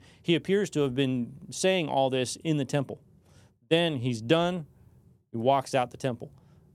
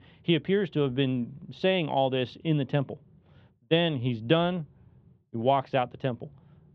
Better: first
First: none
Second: muffled; very; fading above 3.5 kHz

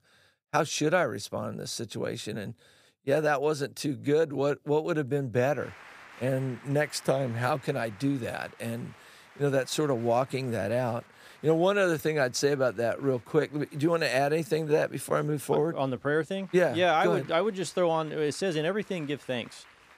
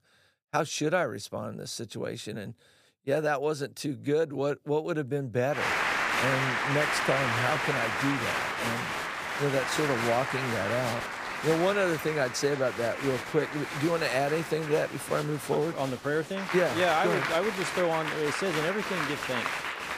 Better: first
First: crowd noise; faint; from 5.5 s on; 25 dB below the speech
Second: crowd noise; loud; from 5.5 s on; 1 dB below the speech

